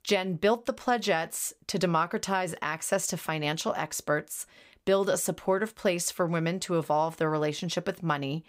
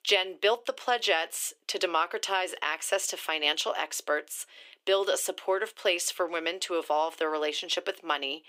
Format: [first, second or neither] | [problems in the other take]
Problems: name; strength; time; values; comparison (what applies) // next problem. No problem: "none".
first | thin; very; fading below 350 Hz